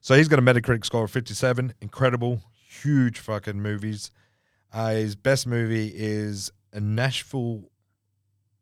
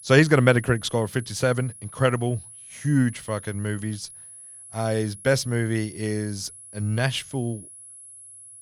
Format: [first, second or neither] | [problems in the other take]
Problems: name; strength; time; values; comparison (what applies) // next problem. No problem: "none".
first | high-pitched whine; noticeable; throughout; 10.5 kHz, 15 dB below the speech